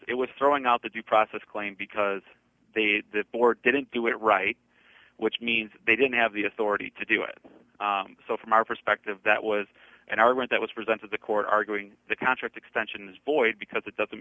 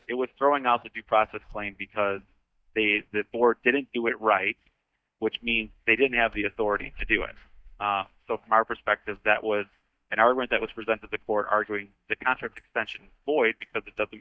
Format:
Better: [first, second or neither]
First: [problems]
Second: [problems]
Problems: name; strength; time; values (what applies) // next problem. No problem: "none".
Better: first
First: none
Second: noise reduction (neural mask model DeepFilterNet 3)